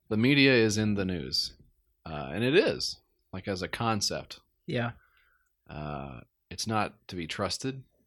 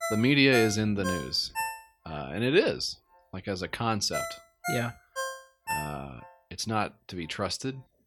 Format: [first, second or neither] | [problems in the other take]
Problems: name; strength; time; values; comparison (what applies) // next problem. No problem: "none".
first | phone ringing; noticeable; until 6.5 s; peak 5 dB below the speech